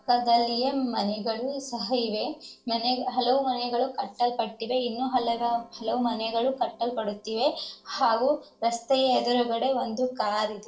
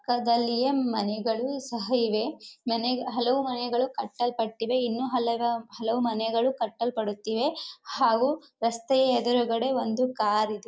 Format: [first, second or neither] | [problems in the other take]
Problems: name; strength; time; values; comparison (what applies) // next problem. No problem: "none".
second | noise reduction (neural separator model SepFormer DNS4)